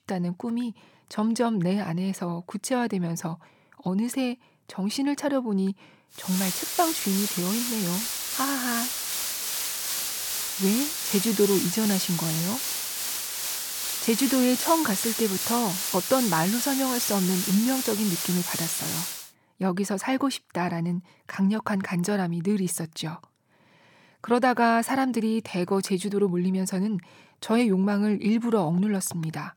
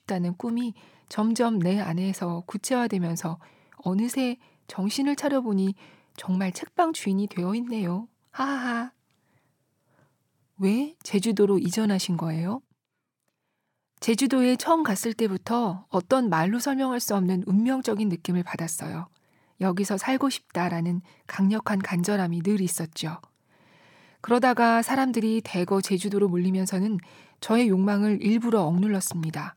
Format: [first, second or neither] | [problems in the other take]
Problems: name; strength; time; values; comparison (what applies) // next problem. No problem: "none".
second | hiss; loud; from 6.5 to 19 s; 1 dB below the speech